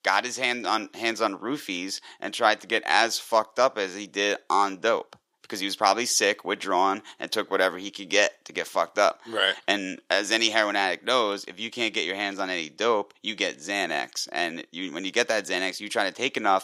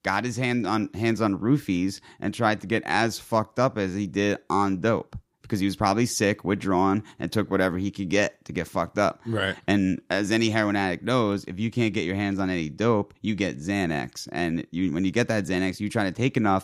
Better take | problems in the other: second | thin; somewhat; fading below 550 Hz

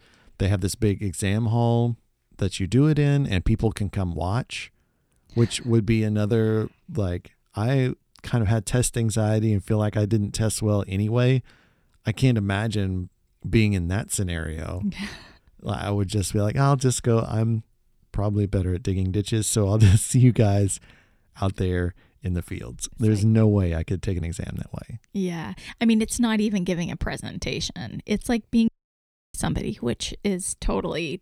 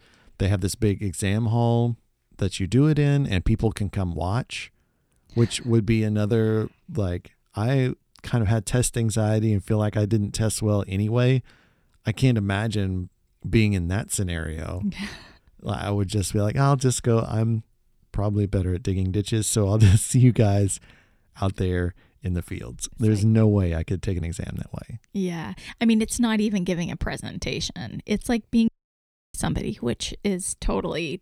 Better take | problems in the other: neither | audio cutting out; at 29 s for 0.5 s; the same in both

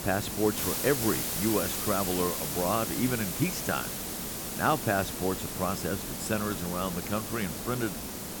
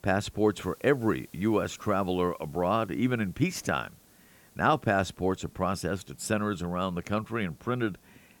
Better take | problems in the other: second | hiss; loud; throughout; 2 dB below the speech; faint in the second

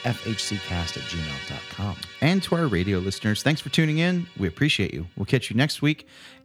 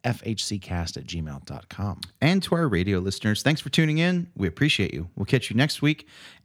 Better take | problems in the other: second | background music; noticeable; throughout; 10 dB below the speech

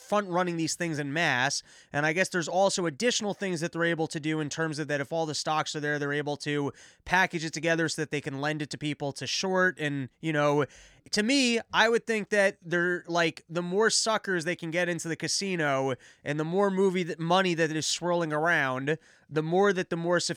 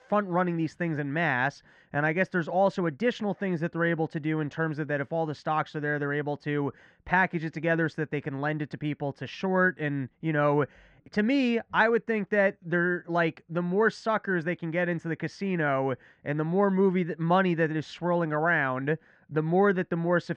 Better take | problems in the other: first | muffled; very; fading above 1.5 kHz

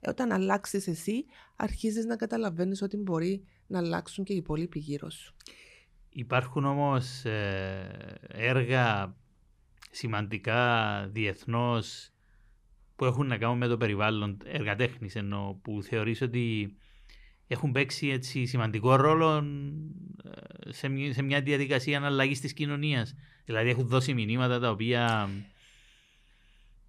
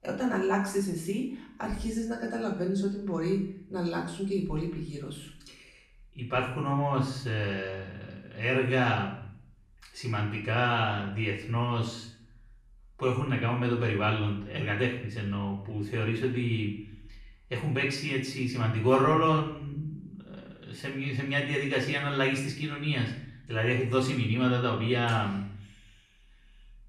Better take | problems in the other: first | off-mic speech; far // room echo; noticeable; dies away in 0.5 s

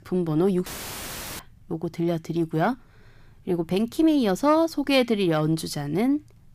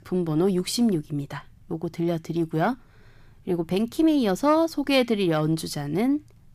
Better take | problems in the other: second | audio cutting out; filled with static; at 0.5 s for 0.5 s

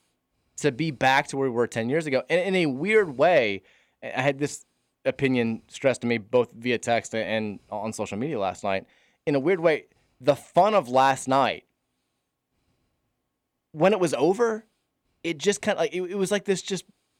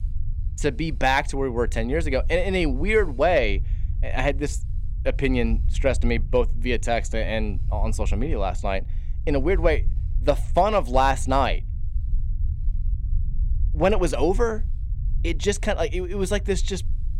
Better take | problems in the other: first | low rumble; faint; throughout; 25 dB below the speech

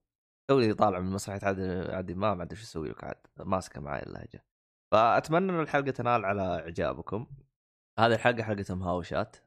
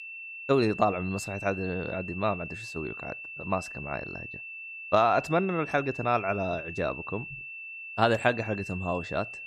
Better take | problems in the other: first | high-pitched whine; loud; throughout; 2.5 kHz, 9 dB below the speech

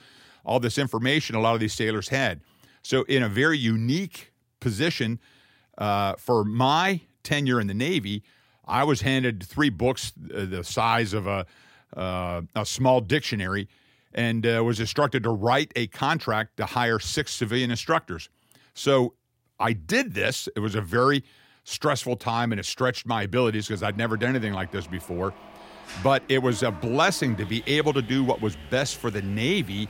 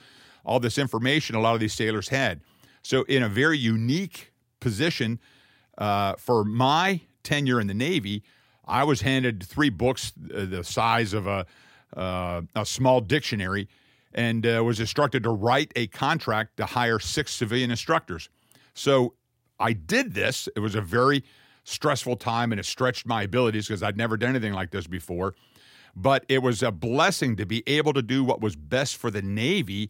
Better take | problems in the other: second | machinery noise; noticeable; from 24 s on; 20 dB below the speech

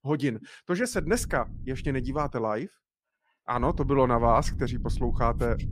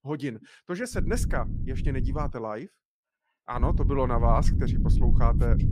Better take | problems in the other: first | low rumble; loud; from 1 to 2.5 s and from 3.5 s on; 9 dB below the speech; faint in the first

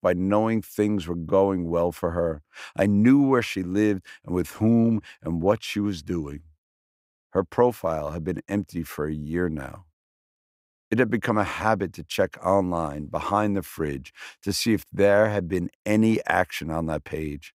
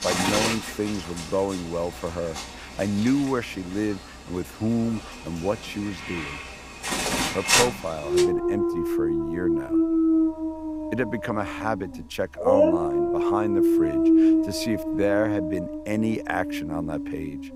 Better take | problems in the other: first | animal sounds; very loud; throughout; 5 dB above the speech

